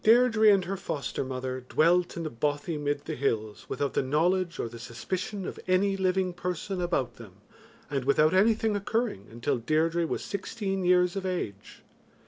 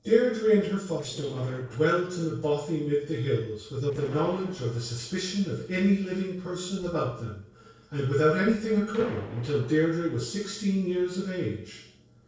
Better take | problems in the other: first | noise reduction (neural separator model SepFormer DNS4)

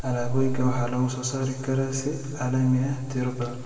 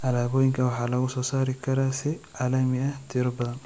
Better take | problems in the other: second | room echo; dies away in 1.9 s

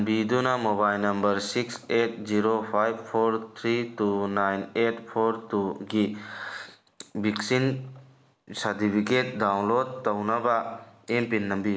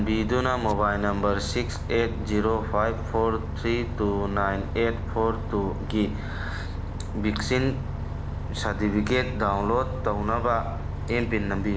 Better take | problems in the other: first | background sound (Bus); 4 dB below the speech

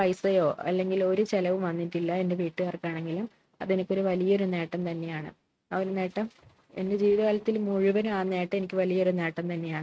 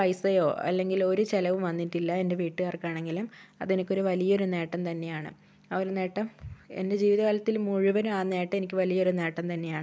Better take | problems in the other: second | noise reduction (neural mask model RNNoise)

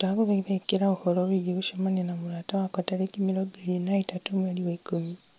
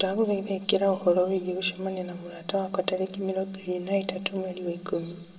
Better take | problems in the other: first | room echo; dies away in 0.9 s

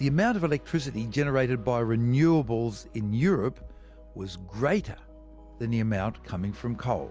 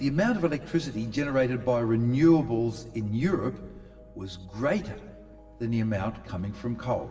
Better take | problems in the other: first | room echo; dies away in 1.3 s

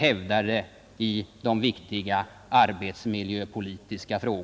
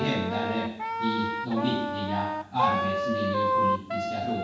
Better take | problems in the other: first | background sound (Wind instrument, woodwind instrument); 2 dB above the speech // room echo; dies away in 0.6 s

